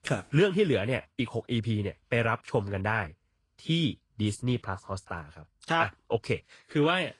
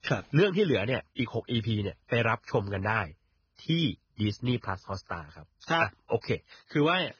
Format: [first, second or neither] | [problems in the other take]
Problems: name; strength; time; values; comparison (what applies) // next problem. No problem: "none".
first | garbled, watery; badly; nothing above 6.5 kHz; slightly in the first